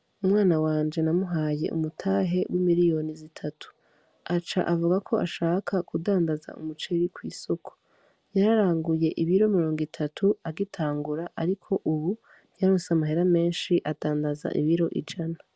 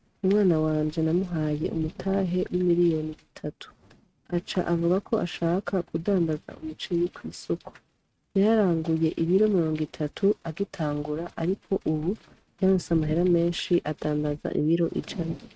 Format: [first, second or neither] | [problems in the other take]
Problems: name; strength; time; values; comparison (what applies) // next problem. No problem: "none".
first | noise reduction (neural mask model RNNoise)